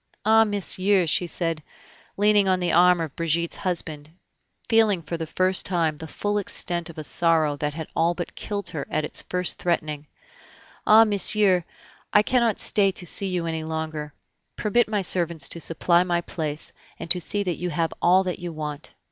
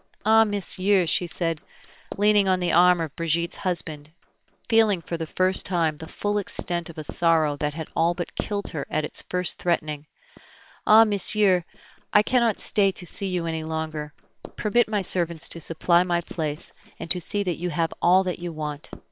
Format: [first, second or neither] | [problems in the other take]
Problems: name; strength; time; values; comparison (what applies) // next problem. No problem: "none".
first | noise reduction (neural separator model SepFormer WHAM!)